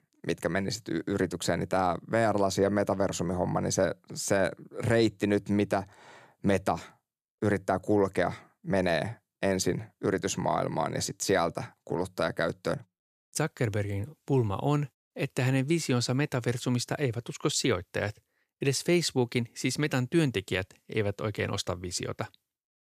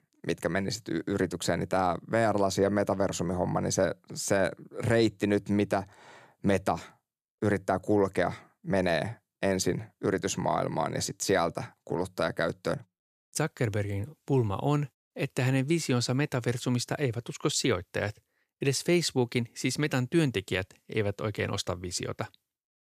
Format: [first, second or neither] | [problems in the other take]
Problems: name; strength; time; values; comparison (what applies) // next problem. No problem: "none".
neither | none